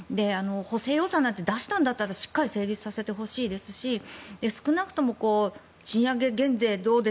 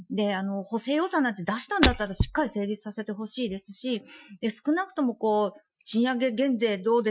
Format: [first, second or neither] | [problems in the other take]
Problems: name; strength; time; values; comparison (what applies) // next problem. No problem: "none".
first | noise reduction (classical method Wiener filter)